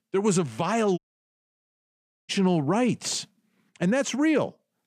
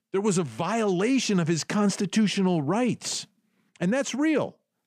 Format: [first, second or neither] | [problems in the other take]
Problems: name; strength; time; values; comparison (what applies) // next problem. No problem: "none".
second | audio cutting out; at 1 s for 1.5 s